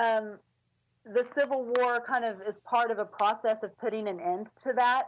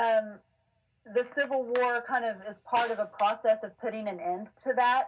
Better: first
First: none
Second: background sound (Clapping); 13 dB below the speech // room echo; dies away in 0.4 s

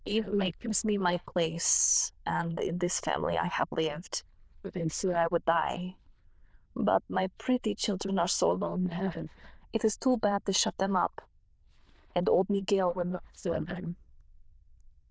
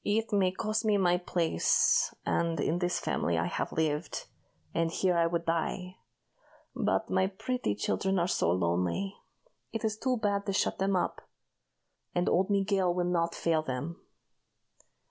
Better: second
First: noise reduction (neural diffusion model UNIVERSE++)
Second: none

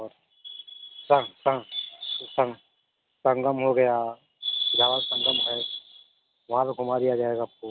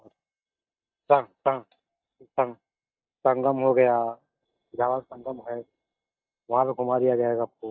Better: first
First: none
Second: noise reduction (neural mask model DeepFilterNet 3)

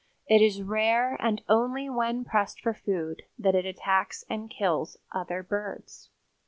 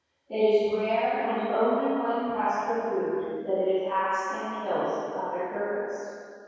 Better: first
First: none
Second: room echo; dies away in 2.2 s

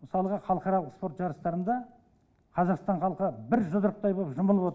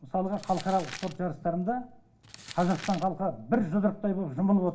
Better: first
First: none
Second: background sound (Crumpling, crinkling); 19 dB below the speech // room echo; dies away in 0.2 s

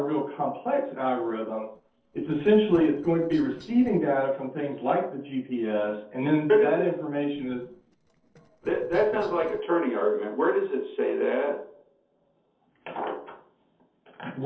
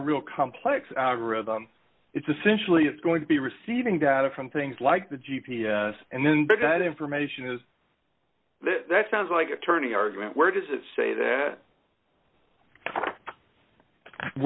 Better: second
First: noise reduction (neural separator model SepFormer DNS4)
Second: none

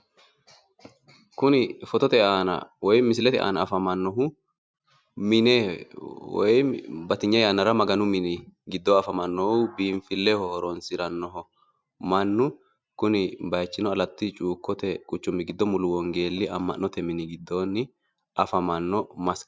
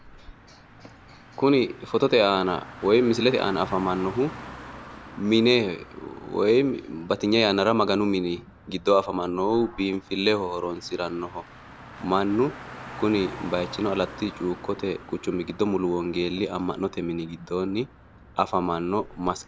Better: first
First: none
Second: background sound (Car); 18 dB below the speech

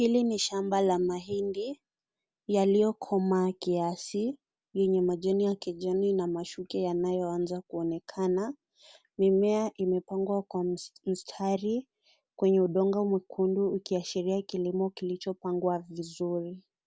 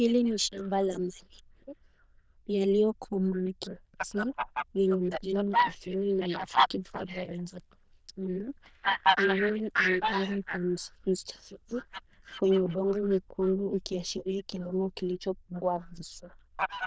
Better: first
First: none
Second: noise reduction (neural diffusion model UNIVERSE++)

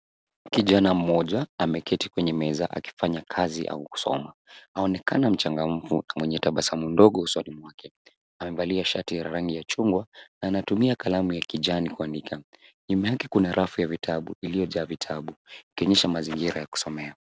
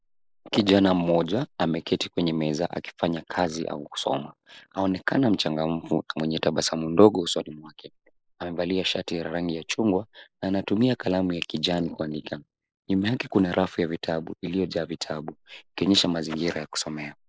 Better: first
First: none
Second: noise reduction (neural mask model Resemble Enhance denoiser)

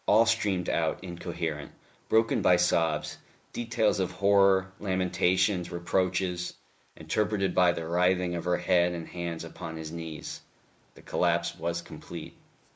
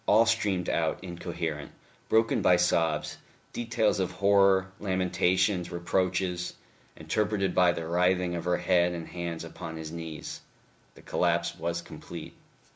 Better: second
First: noise reduction (neural mask model Resemble Enhance denoiser)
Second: none

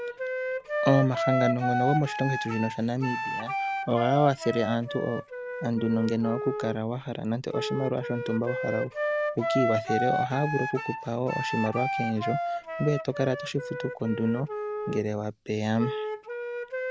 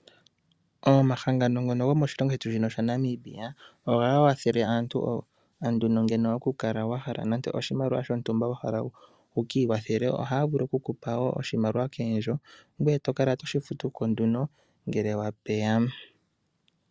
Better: second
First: background sound (Wind instrument, woodwind instrument); 3 dB below the speech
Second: none

